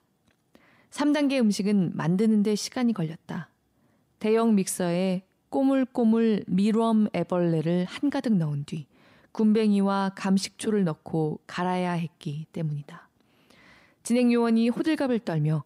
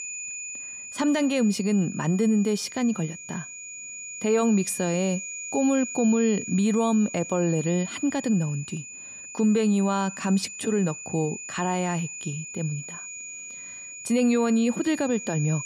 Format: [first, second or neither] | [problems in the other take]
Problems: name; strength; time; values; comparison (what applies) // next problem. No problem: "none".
first | high-pitched whine; noticeable; throughout; 7 kHz, 10 dB below the speech